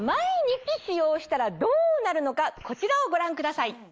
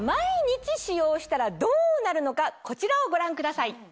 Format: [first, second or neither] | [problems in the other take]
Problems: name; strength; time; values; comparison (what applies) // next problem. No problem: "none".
second | noise reduction (neural mask model Resemble Enhance denoiser)